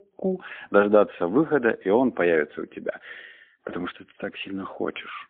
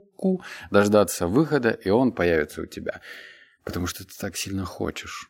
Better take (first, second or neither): second